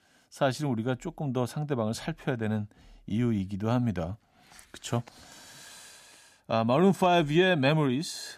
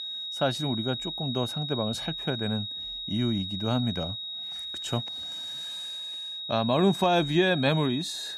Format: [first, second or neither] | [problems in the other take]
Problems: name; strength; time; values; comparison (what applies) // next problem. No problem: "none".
first | high-pitched whine; loud; throughout; 4 kHz, 5 dB below the speech